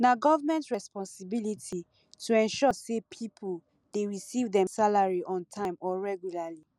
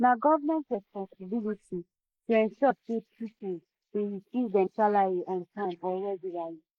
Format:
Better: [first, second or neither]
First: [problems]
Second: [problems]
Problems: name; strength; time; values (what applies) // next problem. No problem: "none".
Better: first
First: none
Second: noise reduction (neural mask model Resemble Enhance denoiser)